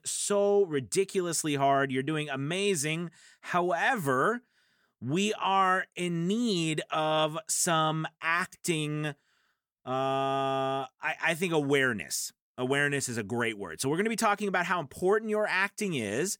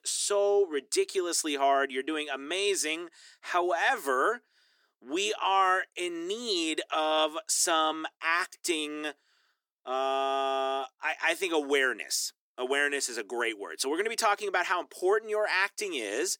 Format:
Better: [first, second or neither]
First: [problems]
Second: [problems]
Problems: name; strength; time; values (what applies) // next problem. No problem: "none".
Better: first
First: none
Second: thin; somewhat; fading below 300 Hz